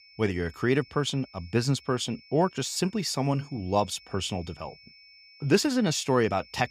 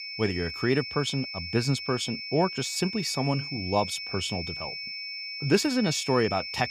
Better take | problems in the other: first | high-pitched whine; loud; throughout; 5.5 kHz, 6 dB below the speech; faint in the first

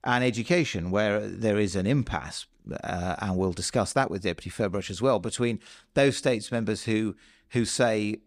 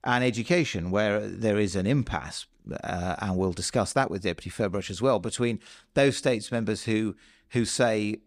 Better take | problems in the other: neither | none

